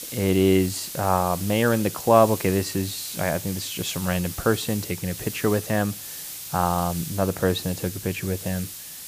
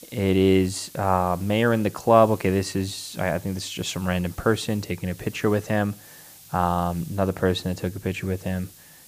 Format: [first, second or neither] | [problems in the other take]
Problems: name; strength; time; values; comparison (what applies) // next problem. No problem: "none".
second | hiss; loud; throughout; 9 dB below the speech; faint in the second